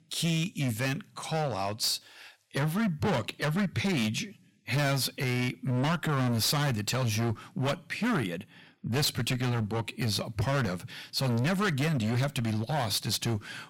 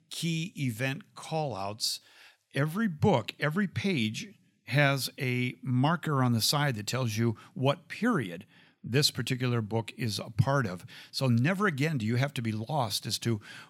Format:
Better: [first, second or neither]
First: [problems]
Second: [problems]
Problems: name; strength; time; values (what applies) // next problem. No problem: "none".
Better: second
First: distortion; heavy; 19% of the sound clipped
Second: none